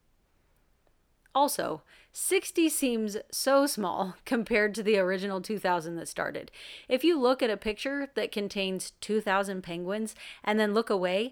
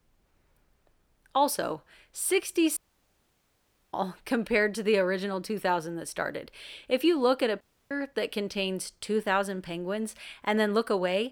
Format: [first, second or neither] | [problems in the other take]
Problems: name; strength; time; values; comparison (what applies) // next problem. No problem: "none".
first | audio cutting out; at 3 s for 1 s and at 7.5 s